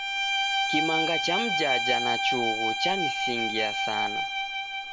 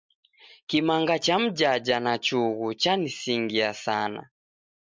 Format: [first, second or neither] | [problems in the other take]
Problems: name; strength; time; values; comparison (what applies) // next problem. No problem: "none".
second | background sound (Bowed string instrument); 4 dB above the speech